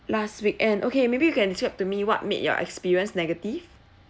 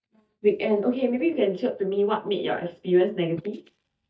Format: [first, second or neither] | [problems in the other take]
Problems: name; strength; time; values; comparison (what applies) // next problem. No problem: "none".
first | noise reduction (neural mask model DeepFilterNet 3)